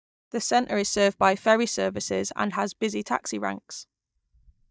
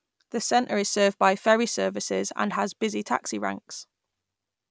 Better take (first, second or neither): second